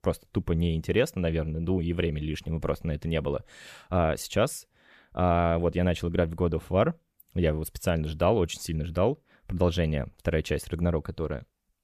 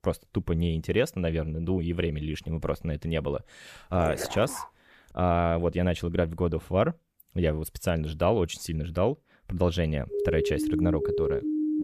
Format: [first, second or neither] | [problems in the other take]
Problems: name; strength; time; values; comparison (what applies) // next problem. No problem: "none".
first | dog barking; noticeable; at 4 s; peak 6 dB below the speech // siren; loud; from 10 s on; peak 1 dB above the speech